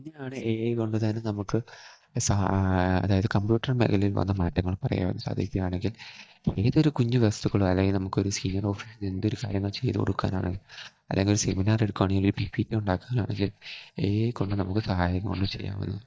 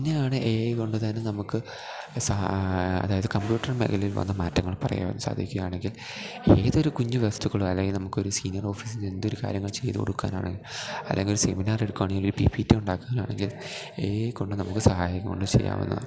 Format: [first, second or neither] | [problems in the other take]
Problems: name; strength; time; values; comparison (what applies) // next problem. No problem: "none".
second | noise reduction (neural mask model DeepFilterNet 3)